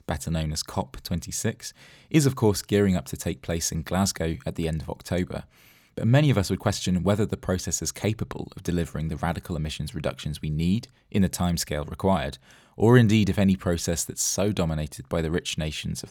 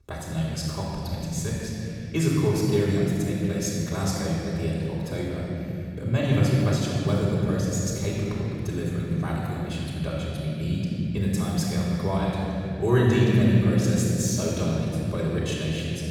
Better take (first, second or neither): first